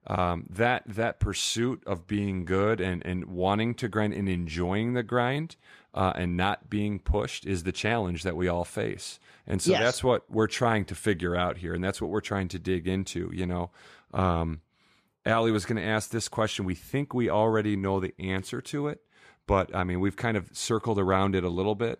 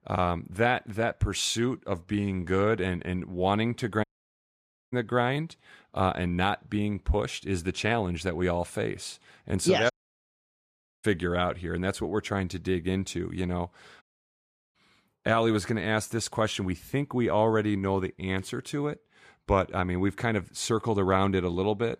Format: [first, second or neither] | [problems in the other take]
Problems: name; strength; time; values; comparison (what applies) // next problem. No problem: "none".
first | audio cutting out; at 4 s for 1 s, at 10 s for 1 s and at 14 s for 0.5 s